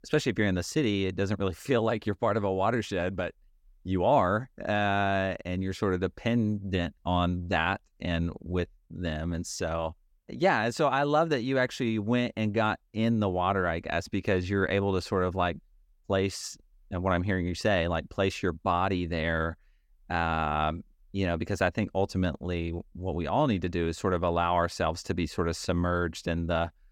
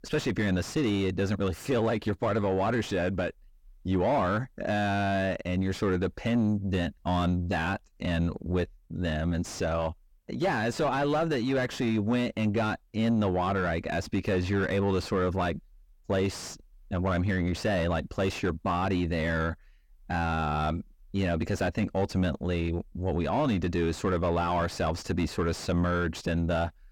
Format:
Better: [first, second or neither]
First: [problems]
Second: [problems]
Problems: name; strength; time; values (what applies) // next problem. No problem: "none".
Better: first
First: none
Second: distortion; heavy; 7 dB below the speech